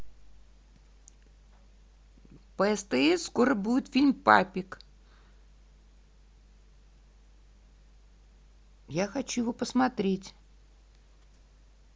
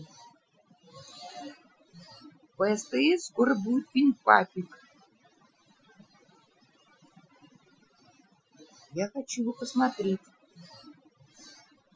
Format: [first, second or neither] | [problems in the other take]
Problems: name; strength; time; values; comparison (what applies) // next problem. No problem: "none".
first | noise reduction (classical method Wiener filter)